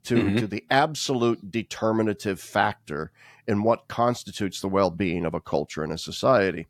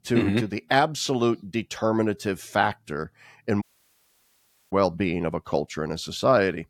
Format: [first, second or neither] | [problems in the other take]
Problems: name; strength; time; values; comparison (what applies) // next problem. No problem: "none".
first | audio cutting out; at 3.5 s for 1 s